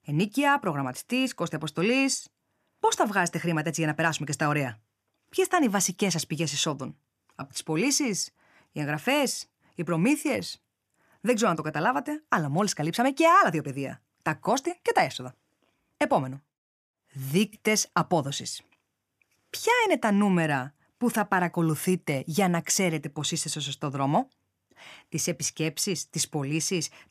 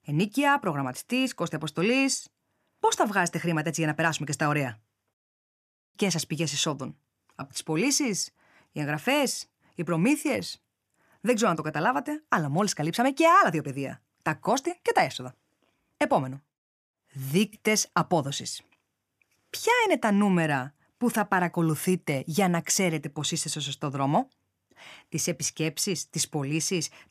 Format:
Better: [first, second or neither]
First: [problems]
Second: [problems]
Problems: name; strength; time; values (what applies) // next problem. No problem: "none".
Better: first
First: none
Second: audio cutting out; at 5 s for 1 s